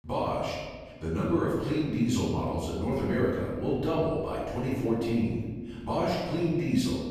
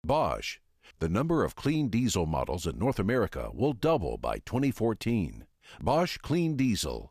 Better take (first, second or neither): second